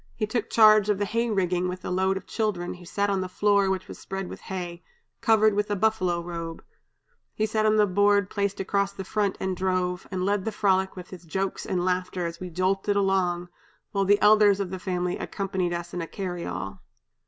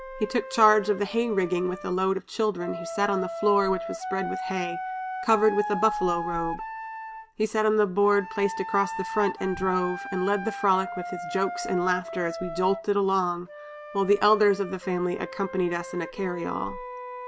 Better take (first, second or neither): first